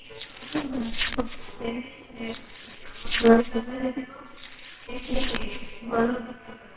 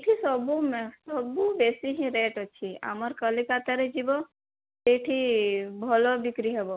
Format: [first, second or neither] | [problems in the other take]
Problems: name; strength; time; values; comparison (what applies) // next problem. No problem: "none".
second | noise reduction (neural separator model SepFormer WHAMR!)